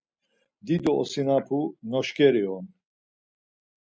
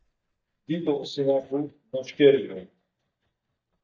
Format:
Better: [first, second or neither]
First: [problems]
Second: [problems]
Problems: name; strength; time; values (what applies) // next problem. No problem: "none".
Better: first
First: none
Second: noise reduction (neural mask model DeepFilterNet 3)